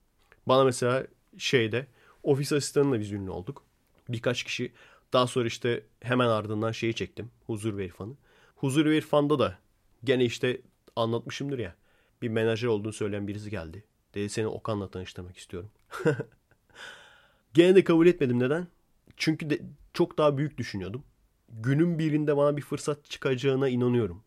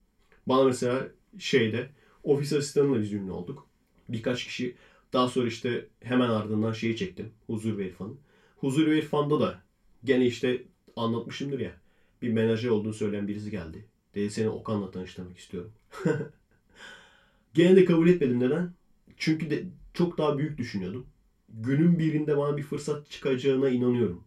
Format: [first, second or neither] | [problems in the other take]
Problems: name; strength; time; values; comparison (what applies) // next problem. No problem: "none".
first | room echo; very slight; dies away in 0.2 s // off-mic speech; far